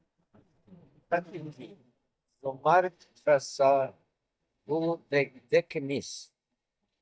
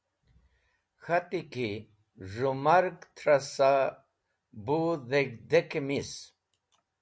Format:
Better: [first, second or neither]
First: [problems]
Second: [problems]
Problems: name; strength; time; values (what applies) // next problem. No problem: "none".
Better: second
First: noise reduction (neural mask model DeepFilterNet 3)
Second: none